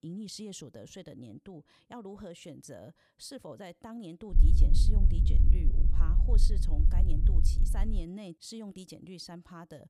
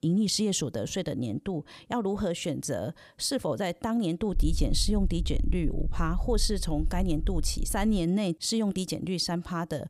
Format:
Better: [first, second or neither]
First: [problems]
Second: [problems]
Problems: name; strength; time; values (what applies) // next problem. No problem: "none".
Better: second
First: low rumble; loud; from 4.5 to 8 s; 2 dB below the speech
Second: low rumble; faint; from 4.5 to 8 s; 25 dB below the speech